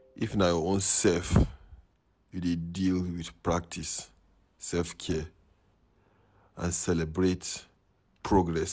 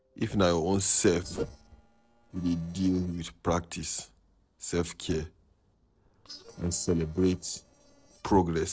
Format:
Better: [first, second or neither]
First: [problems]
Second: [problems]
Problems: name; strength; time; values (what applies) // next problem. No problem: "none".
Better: first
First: none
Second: noise reduction (neural separator model SepFormer DNS4)